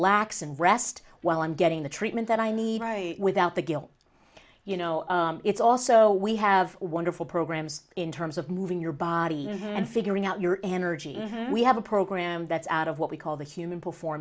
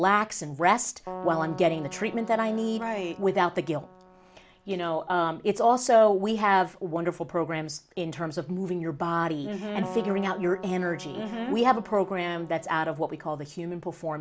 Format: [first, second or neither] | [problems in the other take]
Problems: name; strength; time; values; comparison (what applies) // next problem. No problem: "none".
first | background sound (Keyboard (musical)); 16 dB below the speech